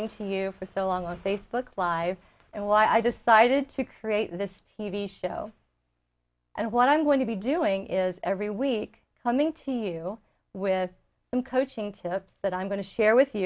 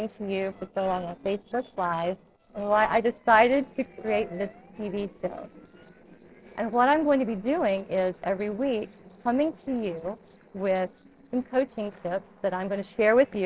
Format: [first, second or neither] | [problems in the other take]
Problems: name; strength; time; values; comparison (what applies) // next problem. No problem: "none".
first | noise reduction (neural separator model SepFormer DNS4)